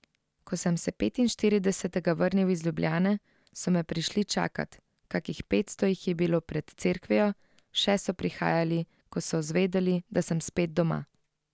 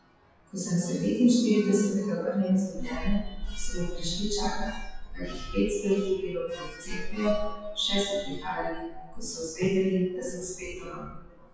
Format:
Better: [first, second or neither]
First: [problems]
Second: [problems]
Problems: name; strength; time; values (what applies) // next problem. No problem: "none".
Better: first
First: none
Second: noise reduction (classical method WPE with log-MMSE)